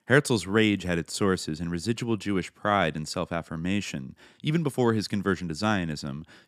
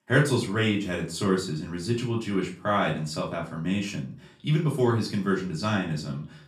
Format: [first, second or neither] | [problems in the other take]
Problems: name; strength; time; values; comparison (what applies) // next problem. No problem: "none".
first | room echo; slight; dies away in 0.3 s // off-mic speech; far